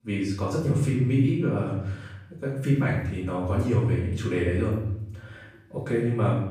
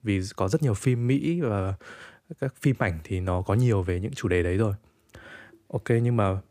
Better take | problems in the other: second | off-mic speech; far // room echo; noticeable; dies away in 0.8 s

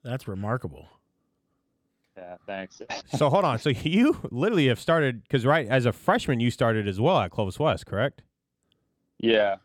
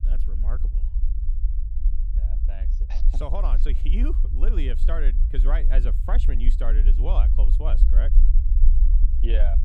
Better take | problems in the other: first | low rumble; loud; throughout; 9 dB below the speech

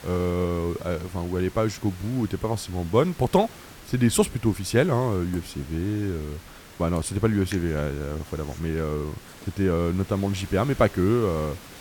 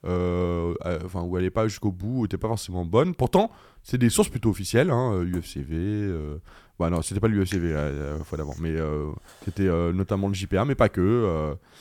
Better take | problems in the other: second | hiss; noticeable; throughout; 20 dB below the speech

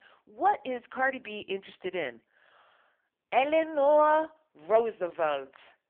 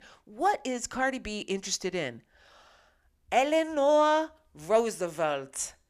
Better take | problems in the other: second | phone-call audio; poor line

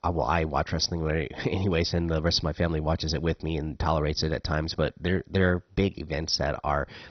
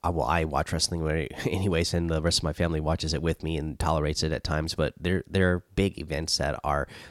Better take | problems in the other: second | garbled, watery; badly; nothing above 6 kHz

